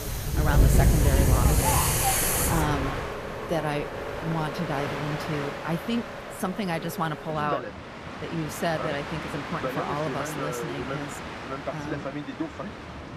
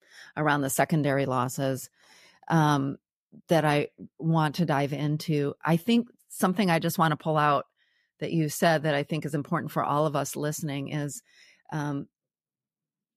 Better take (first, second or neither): second